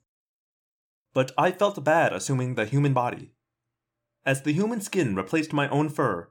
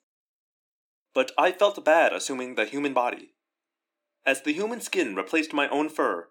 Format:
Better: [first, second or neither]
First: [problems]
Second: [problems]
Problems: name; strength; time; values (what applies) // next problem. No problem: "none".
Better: first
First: none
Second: thin; somewhat; fading below 250 Hz